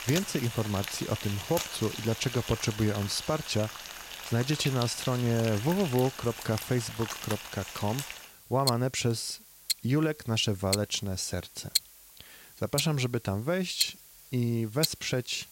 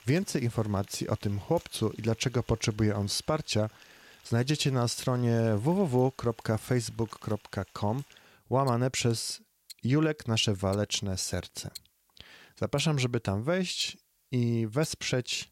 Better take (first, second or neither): second